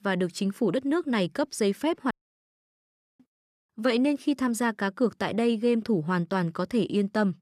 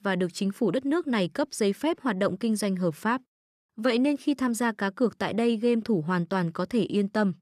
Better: second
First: audio cutting out; at 2 s for 1 s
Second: none

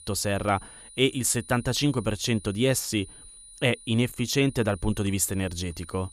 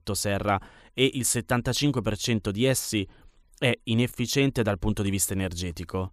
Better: second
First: high-pitched whine; noticeable; throughout; 9.5 kHz, 20 dB below the speech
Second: none

